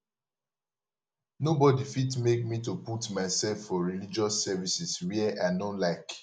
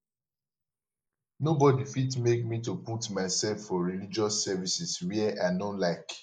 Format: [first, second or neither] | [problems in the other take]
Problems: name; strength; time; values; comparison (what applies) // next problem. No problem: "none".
first | noise reduction (neural mask model Resemble Enhance denoiser)